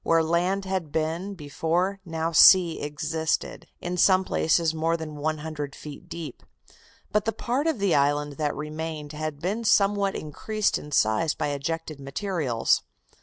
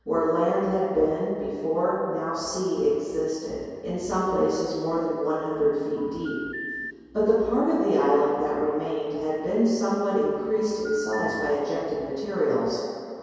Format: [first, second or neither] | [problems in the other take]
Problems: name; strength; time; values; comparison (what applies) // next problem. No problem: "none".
first | background sound (Telephone); 14 dB below the speech // room echo; dies away in 2.2 s